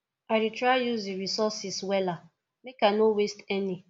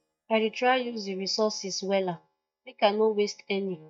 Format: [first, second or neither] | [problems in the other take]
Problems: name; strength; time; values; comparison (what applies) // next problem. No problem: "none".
first | noise reduction (neural mask model DeepFilterNet 3)